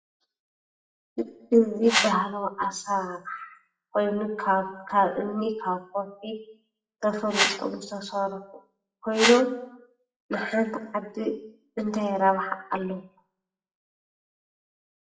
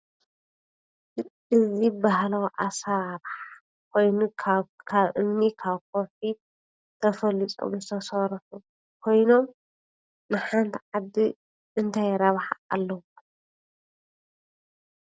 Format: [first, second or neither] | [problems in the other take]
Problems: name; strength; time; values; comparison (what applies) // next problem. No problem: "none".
second | noise reduction (classical method WPE with log-MMSE)